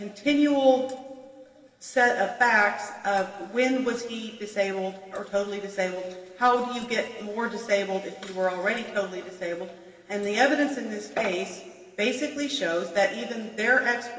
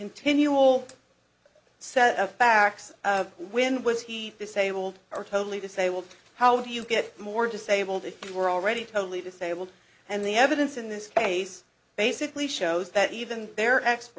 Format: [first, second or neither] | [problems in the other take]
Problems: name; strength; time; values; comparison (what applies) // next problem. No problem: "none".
second | room echo; dies away in 2.5 s